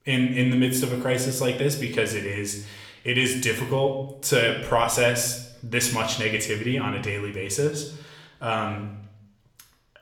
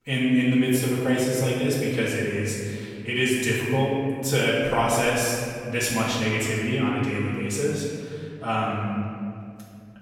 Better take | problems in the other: first | room echo; strong; dies away in 2.3 s; slight in the first // off-mic speech; far

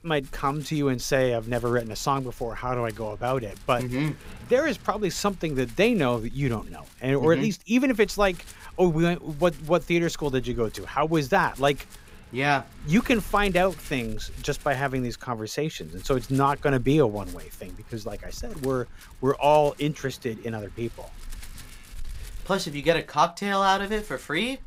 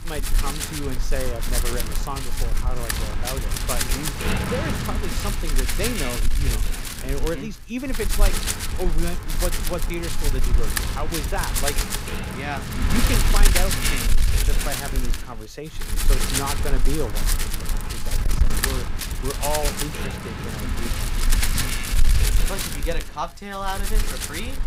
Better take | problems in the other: first | wind noise on the microphone; heavy; 3 dB above the speech; occasional gusts in the first

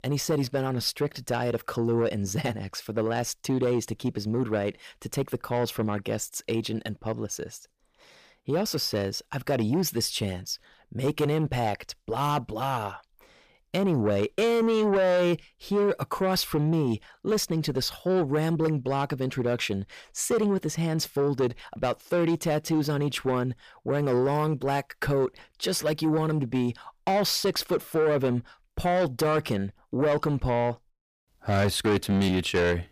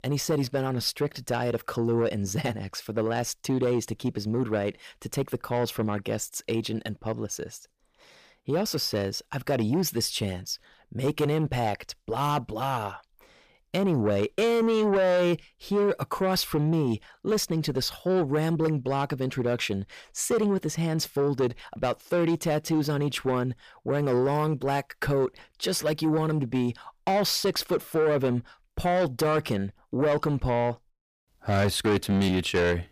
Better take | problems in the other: neither | distortion; slight; 10 dB below the speech; the same in both

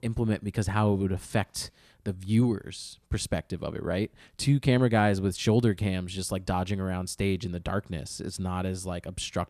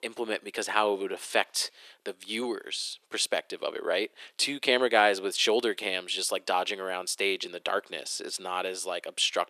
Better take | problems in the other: first | thin; very; fading below 400 Hz

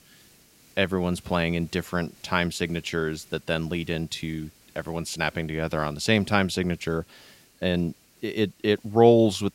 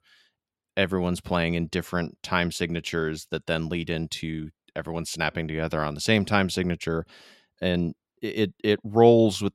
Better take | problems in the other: second | hiss; faint; throughout; 30 dB below the speech

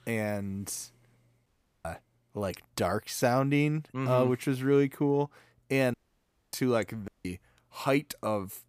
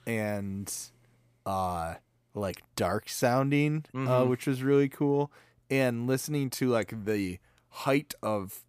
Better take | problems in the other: second | audio cutting out; at 1.5 s, at 6 s for 0.5 s and at 7 s

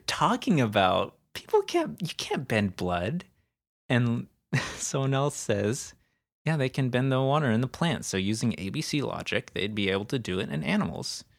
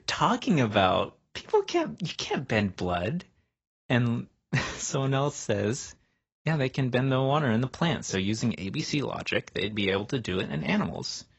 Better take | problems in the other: first | garbled, watery; badly; nothing above 7.5 kHz

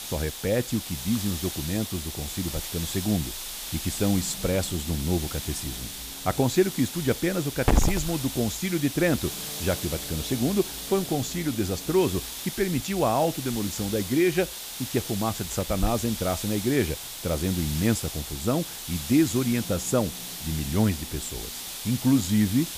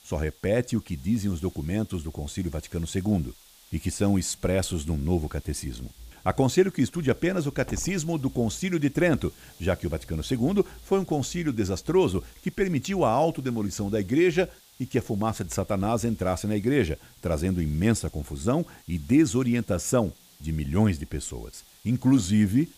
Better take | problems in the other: second | hiss; loud; throughout; 6 dB below the speech; faint in the second

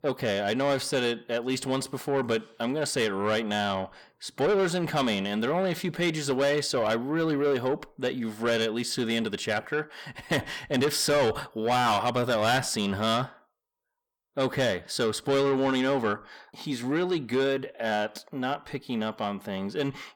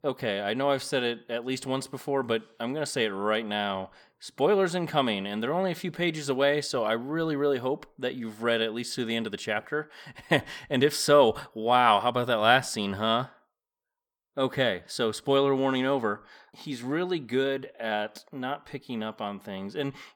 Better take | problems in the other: second | distortion; heavy; 8 dB below the speech

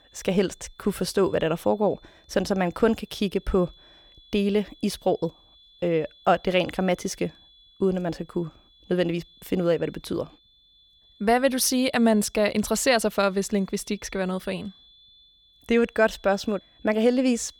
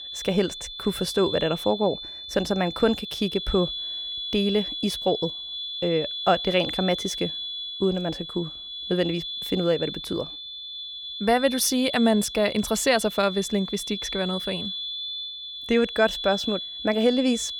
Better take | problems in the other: first | high-pitched whine; loud; throughout; 3.5 kHz, 6 dB below the speech; faint in the first

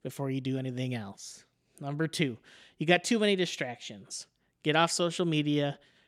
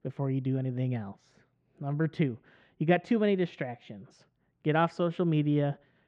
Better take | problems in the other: first | muffled; very; fading above 1.5 kHz

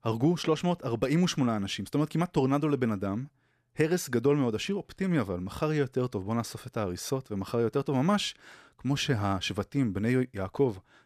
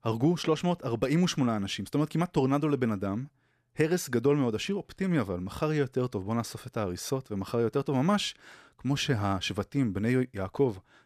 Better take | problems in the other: neither | none

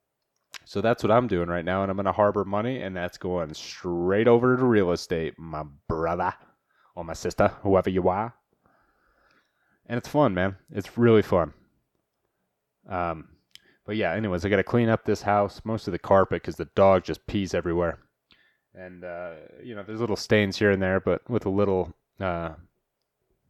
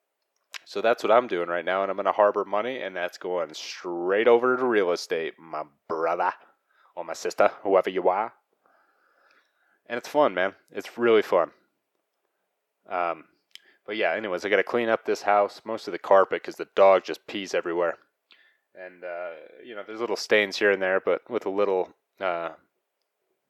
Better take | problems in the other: first | thin; somewhat; fading below 450 Hz

